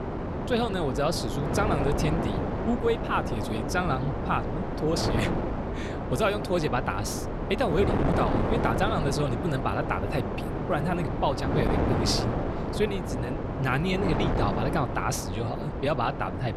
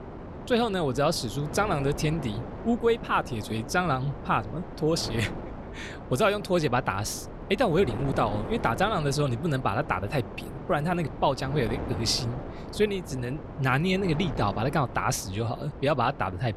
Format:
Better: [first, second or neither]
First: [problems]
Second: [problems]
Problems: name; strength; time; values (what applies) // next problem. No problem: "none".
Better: second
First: wind noise on the microphone; heavy; 3 dB below the speech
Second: wind noise on the microphone; occasional gusts; 15 dB below the speech